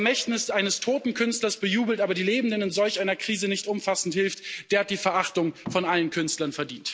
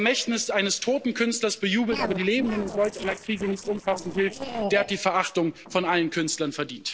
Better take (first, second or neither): first